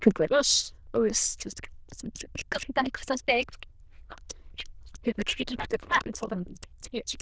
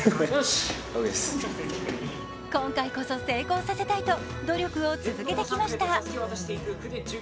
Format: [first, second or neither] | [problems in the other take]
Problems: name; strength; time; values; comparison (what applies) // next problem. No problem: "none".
second | noise reduction (neural diffusion model UNIVERSE++)